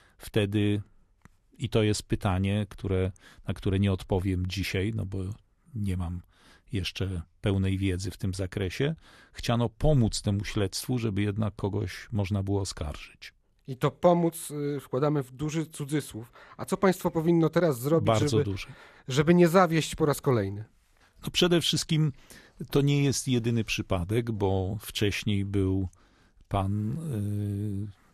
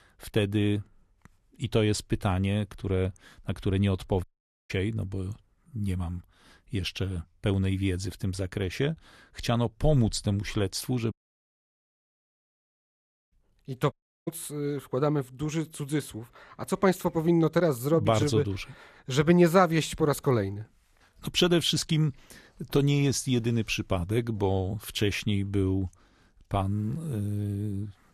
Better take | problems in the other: first | audio cutting out; at 4 s, at 11 s for 2 s and at 14 s

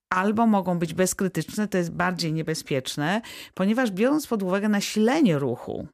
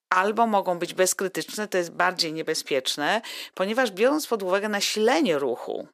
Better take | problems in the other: first | thin; somewhat; fading below 450 Hz

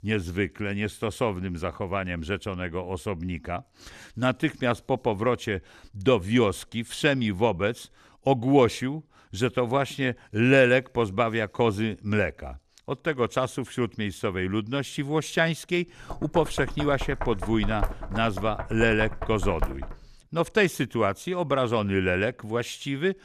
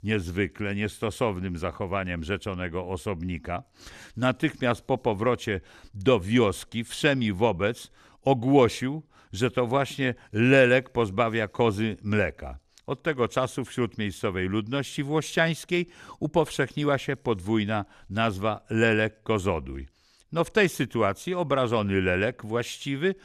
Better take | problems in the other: second | door banging; noticeable; from 16 to 20 s; peak 7 dB below the speech

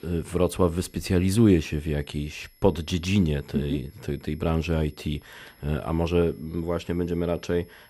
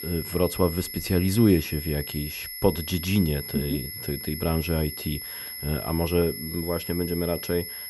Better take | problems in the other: first | high-pitched whine; loud; throughout; 11.5 kHz, 7 dB below the speech; faint in the first

